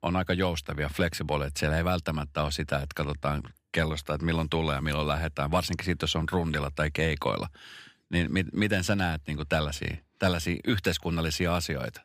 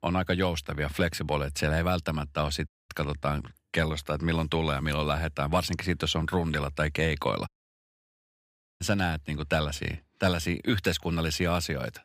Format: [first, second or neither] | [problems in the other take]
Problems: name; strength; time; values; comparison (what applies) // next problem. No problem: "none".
first | audio cutting out; at 2.5 s and at 7.5 s for 1.5 s